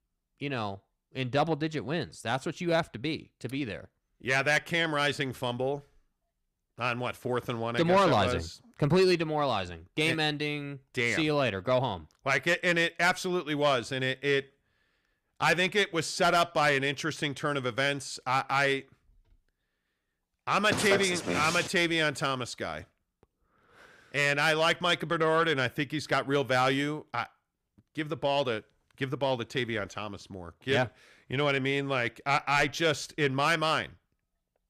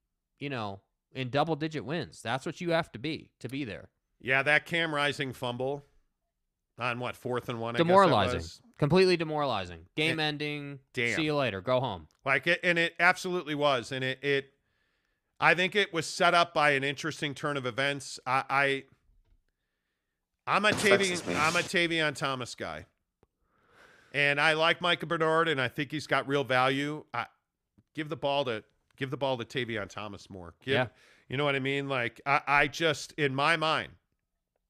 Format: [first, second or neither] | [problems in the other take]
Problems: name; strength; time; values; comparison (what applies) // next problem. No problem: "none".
second | distortion; slight; 10 dB below the speech